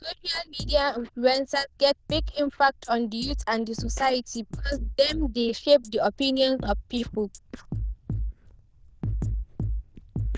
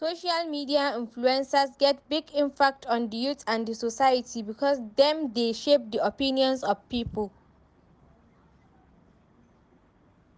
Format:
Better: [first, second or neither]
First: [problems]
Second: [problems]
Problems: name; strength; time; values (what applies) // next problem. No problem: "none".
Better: second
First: noise reduction (neural diffusion model UNIVERSE++)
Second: none